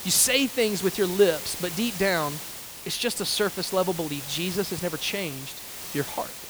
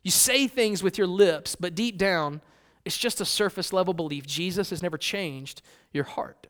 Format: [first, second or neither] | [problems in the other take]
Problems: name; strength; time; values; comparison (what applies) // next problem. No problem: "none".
second | hiss; loud; throughout; 9 dB below the speech